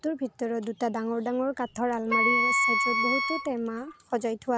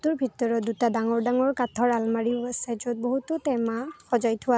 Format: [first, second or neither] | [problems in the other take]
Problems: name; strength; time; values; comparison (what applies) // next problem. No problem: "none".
second | background sound (Wind instrument, woodwind instrument); 3 dB above the speech